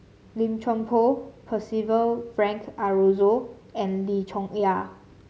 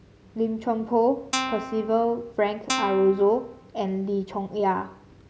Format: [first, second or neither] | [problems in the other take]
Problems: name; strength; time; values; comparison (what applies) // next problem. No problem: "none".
first | background sound (Guitar); 6 dB below the speech